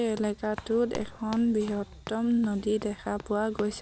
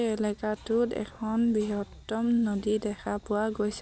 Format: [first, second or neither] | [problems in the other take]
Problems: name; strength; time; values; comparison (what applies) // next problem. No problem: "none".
second | background sound (Run); 17 dB below the speech